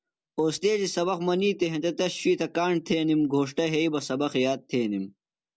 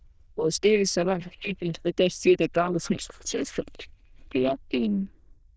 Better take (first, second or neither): first